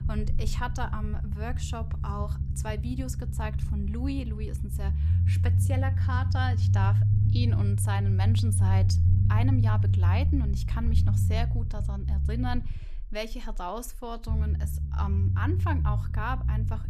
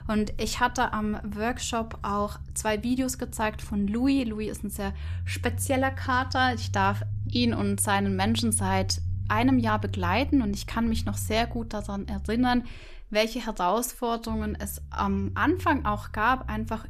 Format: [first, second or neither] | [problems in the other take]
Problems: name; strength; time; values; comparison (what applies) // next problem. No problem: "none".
second | low rumble; loud; throughout; 5 dB below the speech; faint in the second